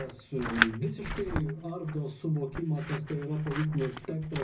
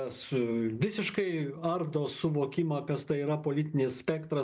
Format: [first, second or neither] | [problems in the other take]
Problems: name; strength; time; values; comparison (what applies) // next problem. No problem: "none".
second | background sound (Scissors); 4 dB below the speech // room echo; dies away in 0.4 s